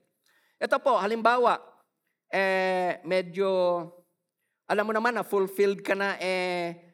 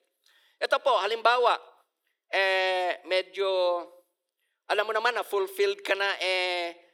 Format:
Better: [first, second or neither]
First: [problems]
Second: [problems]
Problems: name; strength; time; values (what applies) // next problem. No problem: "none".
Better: first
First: none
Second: thin; very; fading below 350 Hz